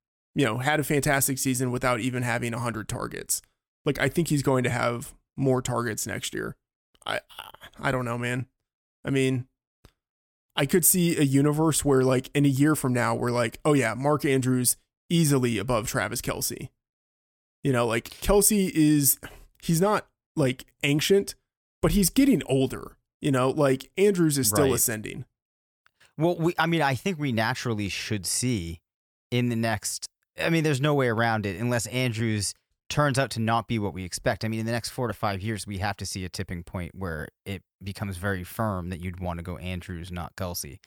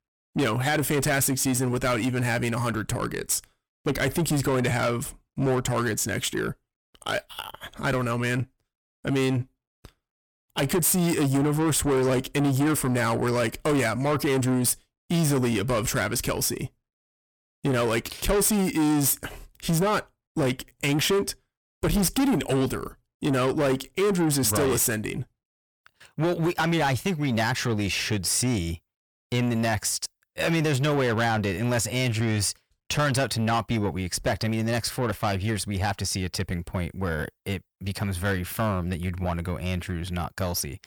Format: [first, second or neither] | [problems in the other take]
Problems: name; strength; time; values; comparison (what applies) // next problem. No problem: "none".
first | distortion; heavy; 8 dB below the speech